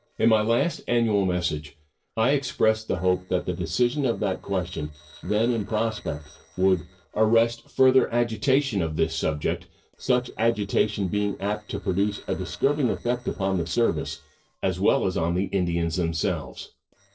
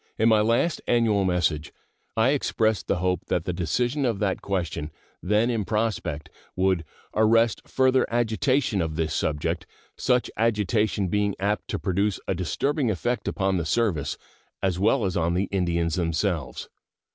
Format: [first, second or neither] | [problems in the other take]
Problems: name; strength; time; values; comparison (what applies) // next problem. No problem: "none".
second | noise reduction (neural separator model SepFormer DNS4)